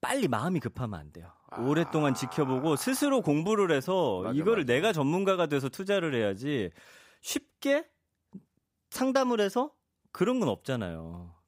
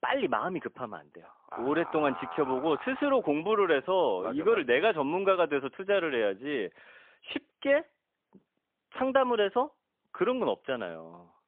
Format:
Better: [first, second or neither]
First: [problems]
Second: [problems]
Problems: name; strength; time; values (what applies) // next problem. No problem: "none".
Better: first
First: none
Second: phone-call audio; poor line; nothing above 3.5 kHz